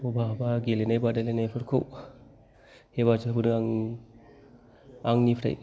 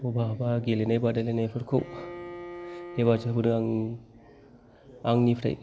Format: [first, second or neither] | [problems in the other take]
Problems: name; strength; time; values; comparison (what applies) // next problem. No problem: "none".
first | background sound (Bowed string instrument); 14 dB below the speech